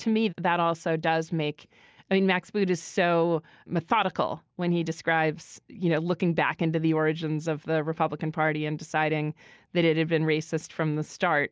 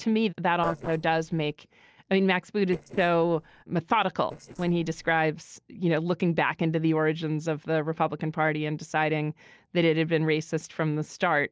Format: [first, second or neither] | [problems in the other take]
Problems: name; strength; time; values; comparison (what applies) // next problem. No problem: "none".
first | noise reduction (neural separator model SepFormer DNS4)